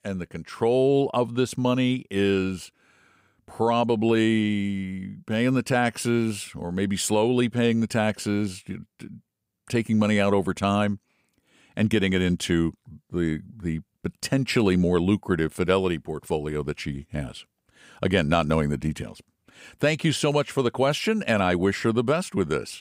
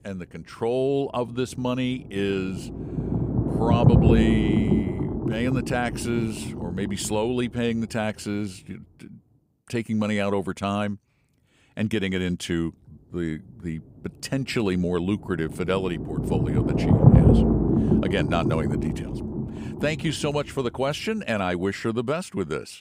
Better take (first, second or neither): first